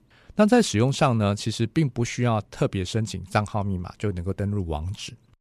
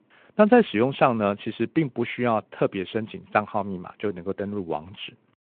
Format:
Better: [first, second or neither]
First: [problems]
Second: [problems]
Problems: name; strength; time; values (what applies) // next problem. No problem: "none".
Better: first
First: none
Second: phone-call audio